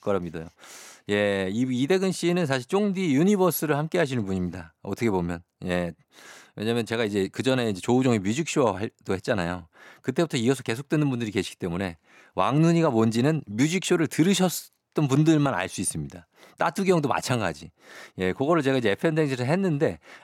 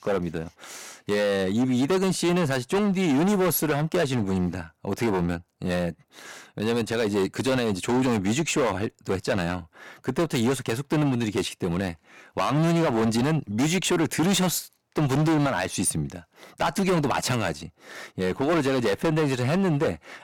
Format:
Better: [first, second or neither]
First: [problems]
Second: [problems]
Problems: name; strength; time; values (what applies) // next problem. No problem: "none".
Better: first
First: none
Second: distortion; heavy; 16% of the sound clipped